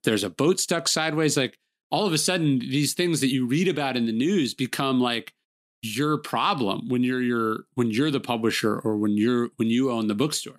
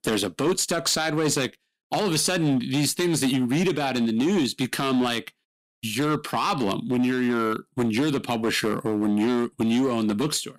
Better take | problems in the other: first | distortion; slight; 11% of the sound clipped

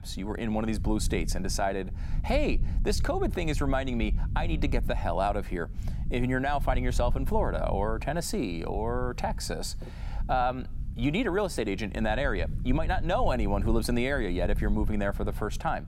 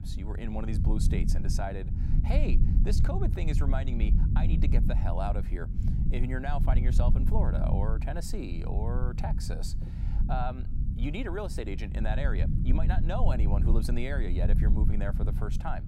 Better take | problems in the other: first | low rumble; loud; throughout; 6 dB below the speech; faint in the first

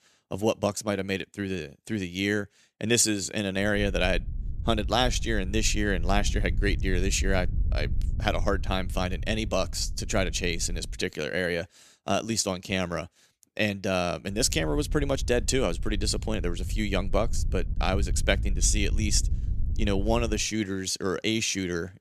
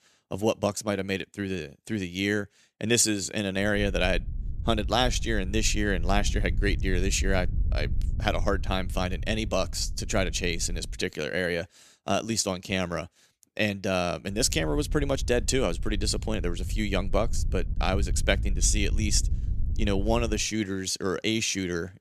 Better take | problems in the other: neither | wind noise on the microphone; occasional gusts; from 3.5 to 11 s and from 14 to 20 s; 20 dB below the speech; the same in both

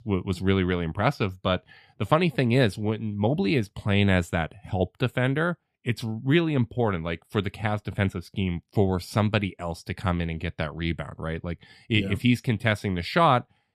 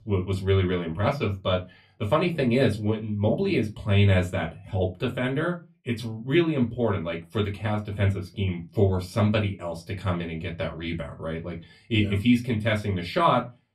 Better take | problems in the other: first | off-mic speech; far // room echo; very slight; dies away in 0.2 s

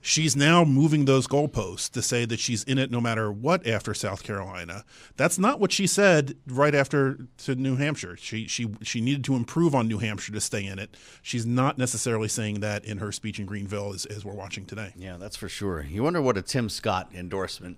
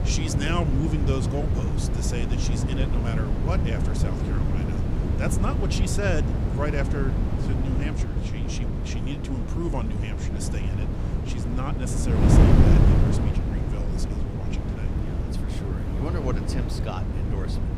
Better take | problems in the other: first | wind noise on the microphone; heavy; as loud as the speech

